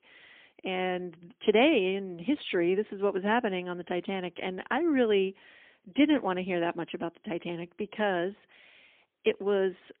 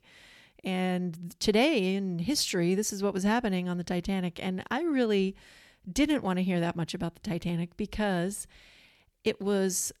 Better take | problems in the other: second | phone-call audio; poor line; nothing above 3 kHz

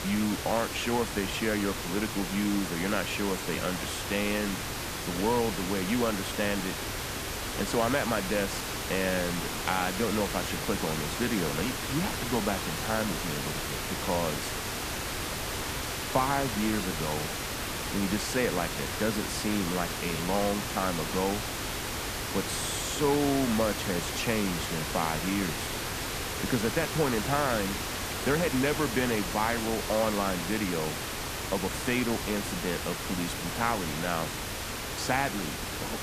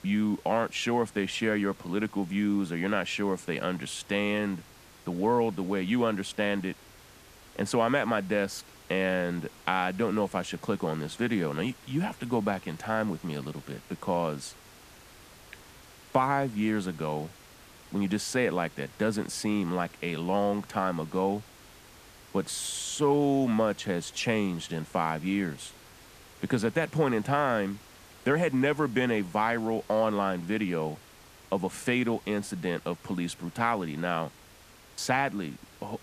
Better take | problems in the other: second | hiss; loud; throughout; 2 dB below the speech; faint in the second

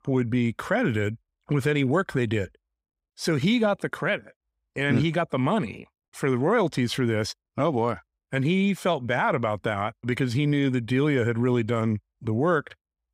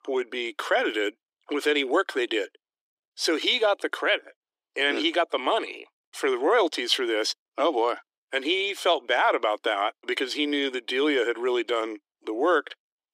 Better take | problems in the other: first | thin; very; fading below 300 Hz

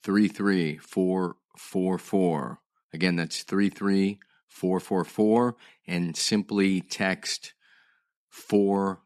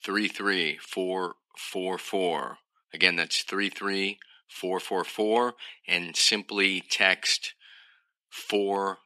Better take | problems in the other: first | thin; somewhat; fading below 450 Hz

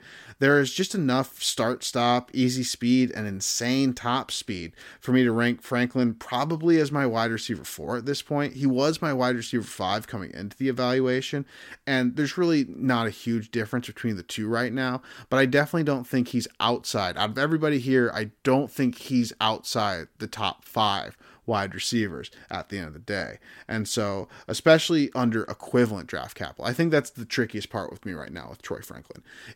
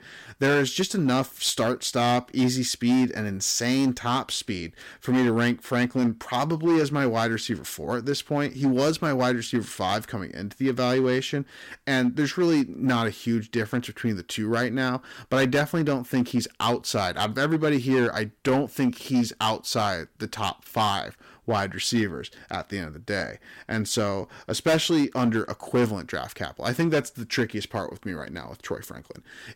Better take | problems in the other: first | distortion; slight; 5% of the sound clipped

